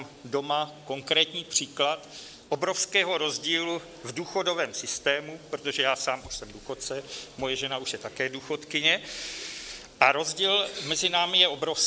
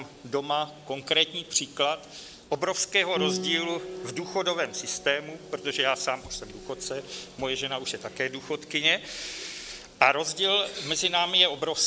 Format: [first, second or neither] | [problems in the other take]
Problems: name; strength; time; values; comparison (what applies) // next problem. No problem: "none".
first | background sound (Piano); 14 dB below the speech